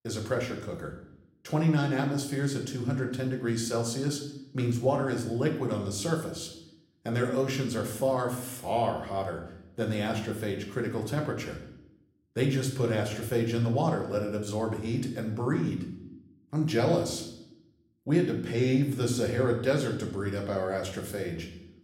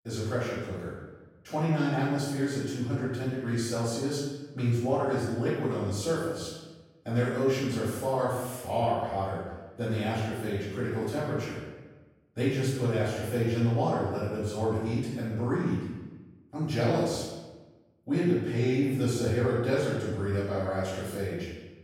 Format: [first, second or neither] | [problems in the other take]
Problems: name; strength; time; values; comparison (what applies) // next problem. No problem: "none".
first | room echo; strong; dies away in 1 s; slight in the first // off-mic speech; far; somewhat distant in the first